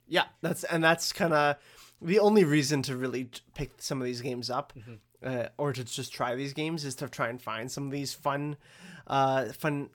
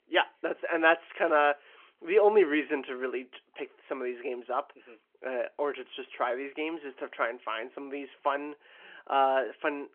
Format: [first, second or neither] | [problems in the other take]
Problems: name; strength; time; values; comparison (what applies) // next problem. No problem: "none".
first | phone-call audio; nothing above 3.5 kHz